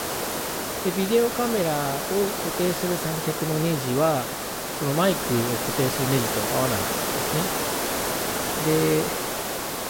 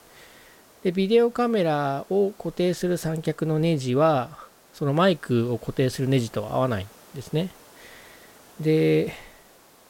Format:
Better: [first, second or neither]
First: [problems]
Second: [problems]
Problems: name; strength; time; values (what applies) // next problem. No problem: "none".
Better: second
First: hiss; loud; throughout; 1 dB below the speech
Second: hiss; faint; throughout; 25 dB below the speech